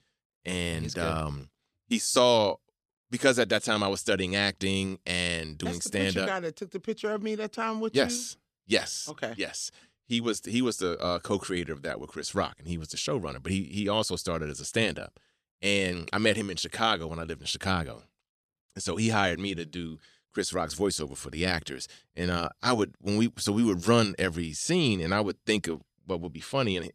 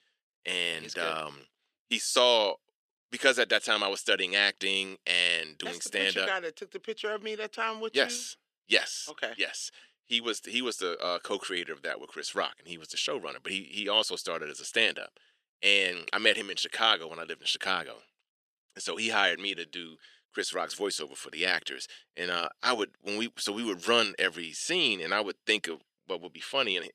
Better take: first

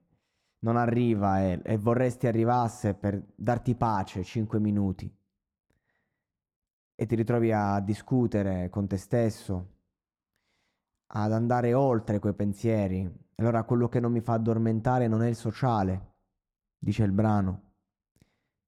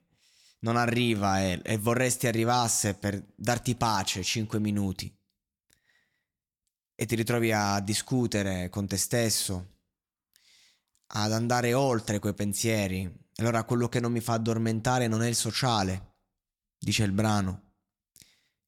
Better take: second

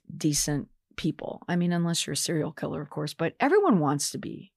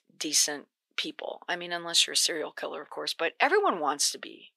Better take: first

